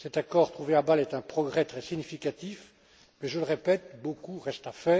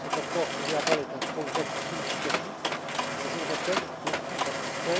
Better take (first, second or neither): first